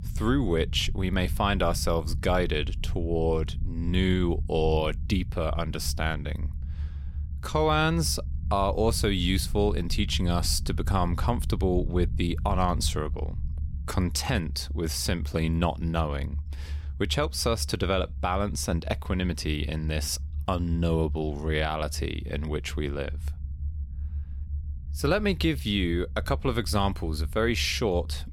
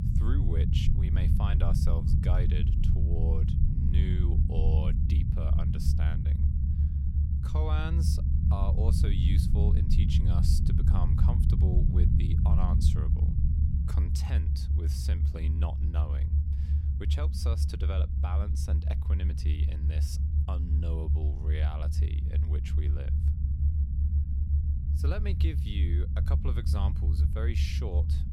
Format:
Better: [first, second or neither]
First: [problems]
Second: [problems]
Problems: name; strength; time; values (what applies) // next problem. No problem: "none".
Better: first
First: low rumble; faint; throughout; 20 dB below the speech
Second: low rumble; loud; throughout; as loud as the speech